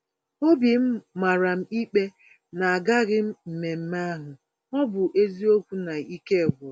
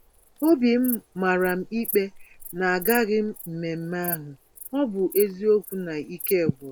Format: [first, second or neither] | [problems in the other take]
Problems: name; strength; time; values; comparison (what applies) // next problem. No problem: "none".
first | background sound (Insect); 13 dB below the speech